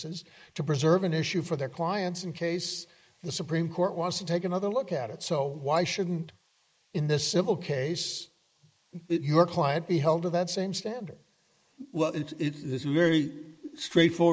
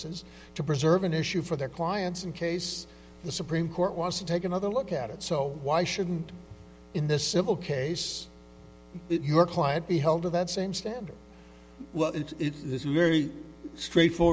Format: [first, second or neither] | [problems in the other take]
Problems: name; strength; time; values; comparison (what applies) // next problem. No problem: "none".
second | noise reduction (neural mask model Resemble Enhance denoiser)